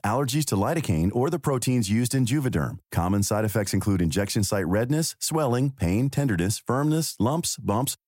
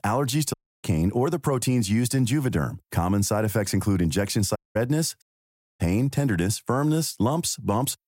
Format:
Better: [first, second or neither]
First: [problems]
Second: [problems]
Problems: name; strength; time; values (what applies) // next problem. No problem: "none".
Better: first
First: none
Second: audio cutting out; at 0.5 s, at 4.5 s and at 5 s for 0.5 s